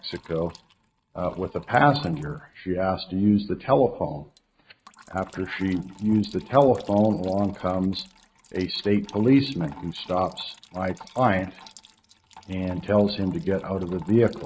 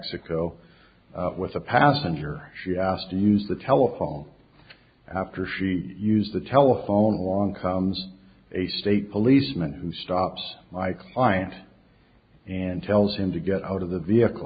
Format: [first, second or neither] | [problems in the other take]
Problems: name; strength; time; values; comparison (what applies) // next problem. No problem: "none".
second | noise reduction (neural mask model RNNoise)